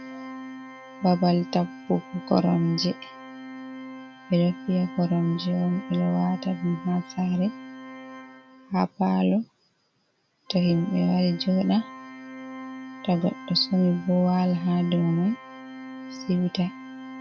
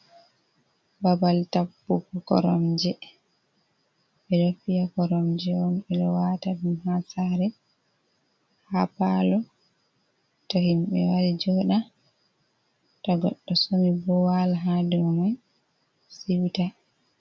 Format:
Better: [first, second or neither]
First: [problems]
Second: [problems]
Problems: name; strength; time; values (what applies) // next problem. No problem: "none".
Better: second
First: background sound (Organ); 15 dB below the speech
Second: none